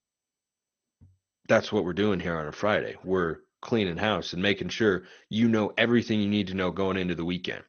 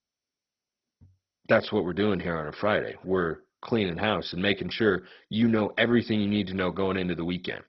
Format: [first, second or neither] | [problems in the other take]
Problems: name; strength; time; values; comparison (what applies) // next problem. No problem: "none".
first | garbled, watery; badly; nothing above 5.5 kHz; slightly in the first